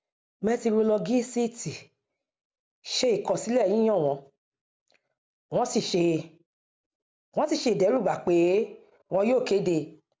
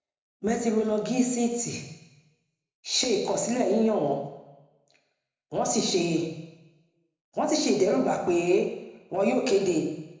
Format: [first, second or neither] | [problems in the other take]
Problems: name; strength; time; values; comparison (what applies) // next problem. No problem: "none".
first | room echo; dies away in 0.8 s